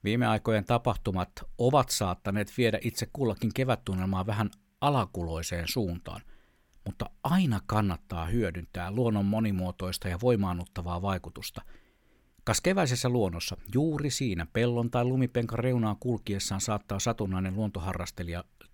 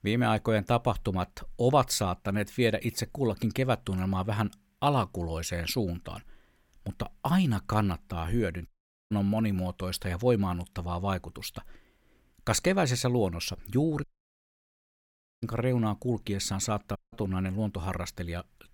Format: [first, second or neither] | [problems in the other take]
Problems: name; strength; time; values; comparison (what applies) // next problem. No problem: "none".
first | audio cutting out; at 8.5 s, at 14 s for 1.5 s and at 17 s